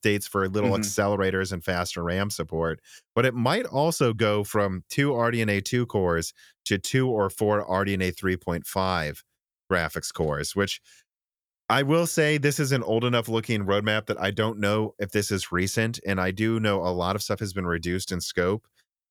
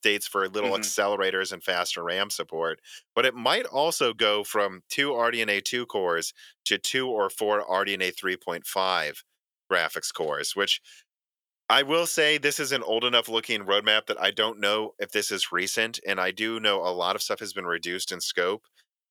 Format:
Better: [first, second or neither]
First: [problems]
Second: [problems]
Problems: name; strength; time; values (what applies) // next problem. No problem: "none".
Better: first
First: none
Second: thin; somewhat; fading below 450 Hz